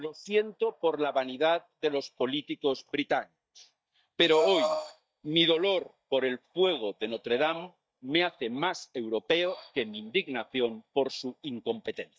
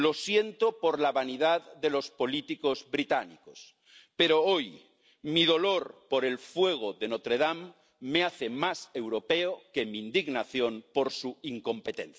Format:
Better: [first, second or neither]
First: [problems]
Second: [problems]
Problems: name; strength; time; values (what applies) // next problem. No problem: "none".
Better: second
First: noise reduction (neural mask model DeepFilterNet 3)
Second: none